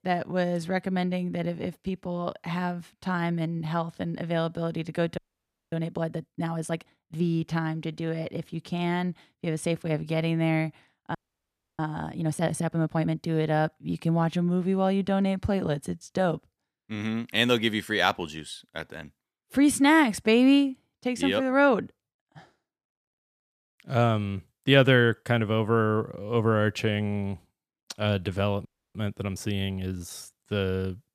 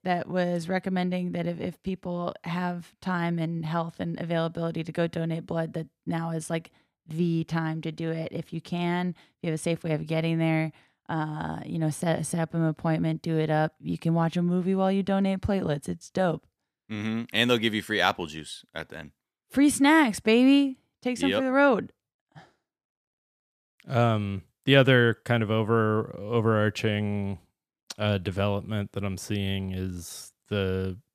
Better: second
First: audio freezing; at 5 s for 0.5 s, at 11 s for 0.5 s and at 29 s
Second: none

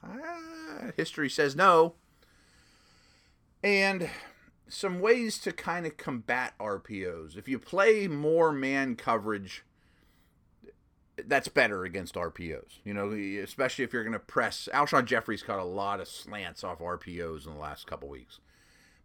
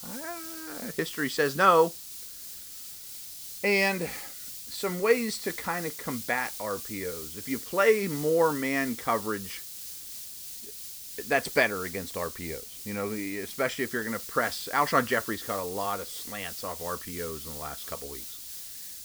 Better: first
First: none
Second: hiss; loud; throughout; 9 dB below the speech

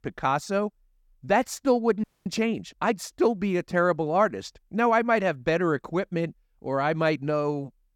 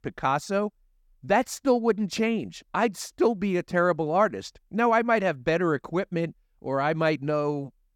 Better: second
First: audio freezing; at 2 s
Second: none

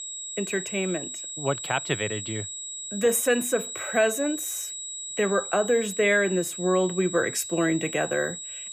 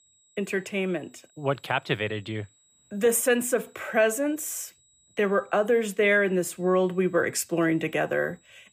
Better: second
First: high-pitched whine; loud; throughout; 7.5 kHz, 7 dB below the speech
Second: high-pitched whine; faint; throughout; 7.5 kHz, 35 dB below the speech

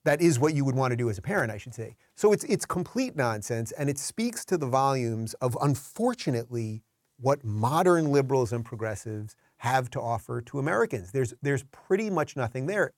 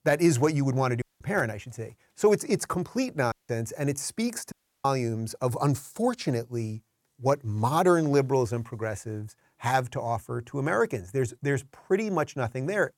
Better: first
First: none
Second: audio cutting out; at 1 s, at 3.5 s and at 4.5 s

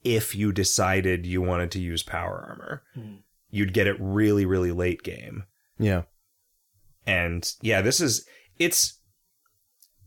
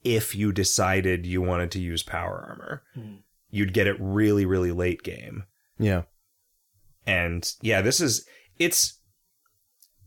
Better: neither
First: none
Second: none

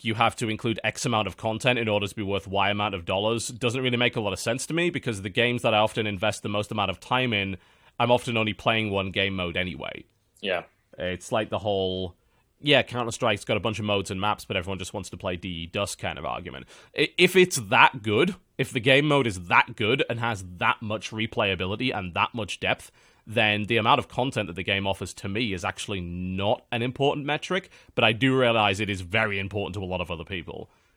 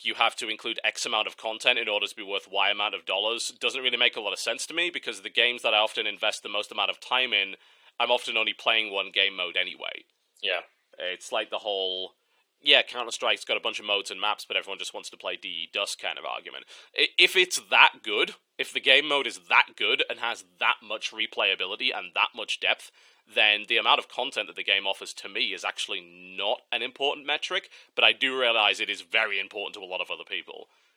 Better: first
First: none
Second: thin; very; fading below 400 Hz

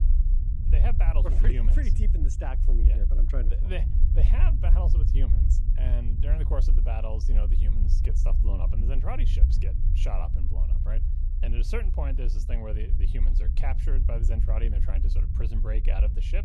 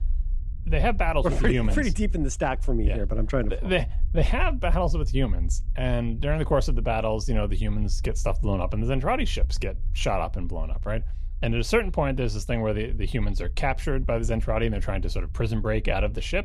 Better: second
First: low rumble; loud; throughout; 5 dB below the speech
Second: low rumble; faint; throughout; 25 dB below the speech

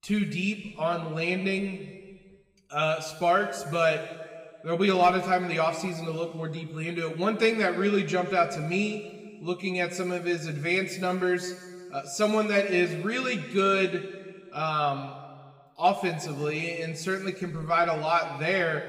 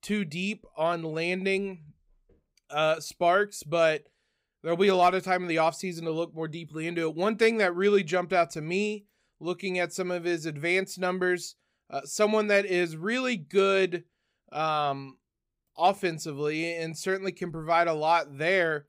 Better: second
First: room echo; noticeable; dies away in 1.5 s // off-mic speech; somewhat distant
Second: none

